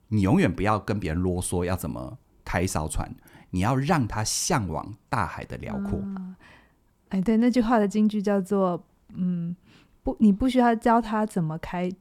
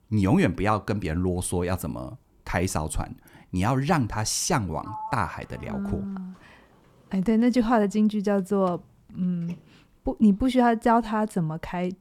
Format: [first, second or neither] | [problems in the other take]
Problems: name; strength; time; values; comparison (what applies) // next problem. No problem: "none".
first | door banging; faint; from 5 to 9.5 s; peak 10 dB below the speech